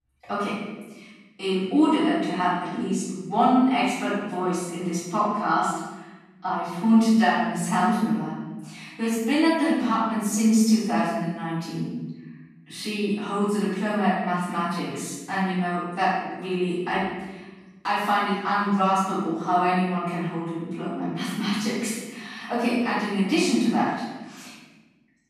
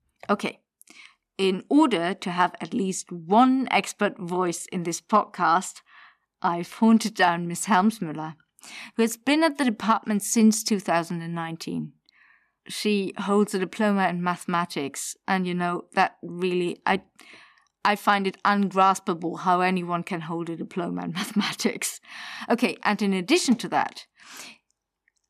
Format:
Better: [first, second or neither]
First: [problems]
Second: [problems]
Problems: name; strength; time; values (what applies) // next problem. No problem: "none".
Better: second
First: room echo; strong; dies away in 1.1 s // off-mic speech; far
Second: none